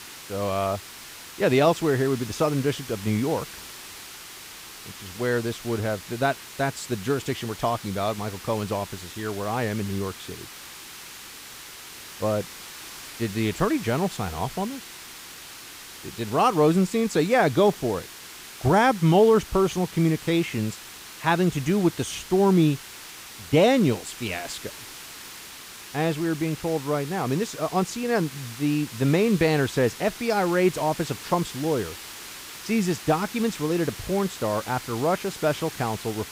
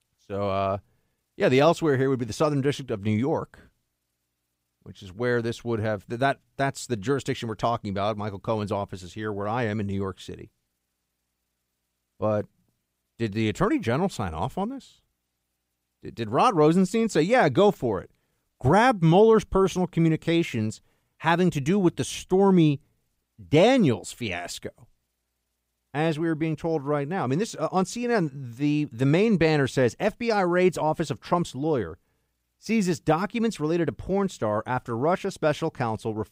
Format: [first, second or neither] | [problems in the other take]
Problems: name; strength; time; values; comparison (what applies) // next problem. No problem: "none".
second | hiss; noticeable; throughout; 15 dB below the speech